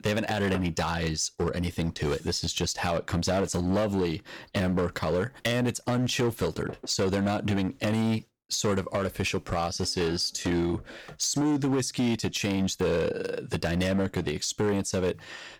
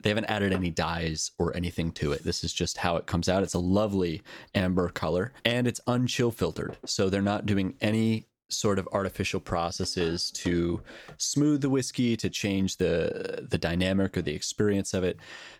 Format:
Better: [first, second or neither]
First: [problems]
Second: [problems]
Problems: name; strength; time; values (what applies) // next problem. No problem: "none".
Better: second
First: distortion; slight; 12% of the sound clipped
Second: none